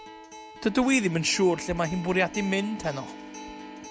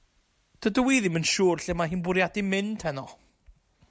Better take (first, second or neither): second